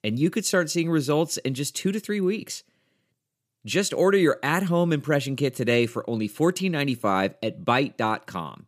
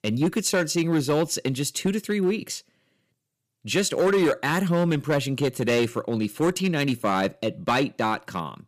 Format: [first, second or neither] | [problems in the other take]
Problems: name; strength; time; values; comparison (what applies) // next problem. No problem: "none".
first | distortion; slight; 6% of the sound clipped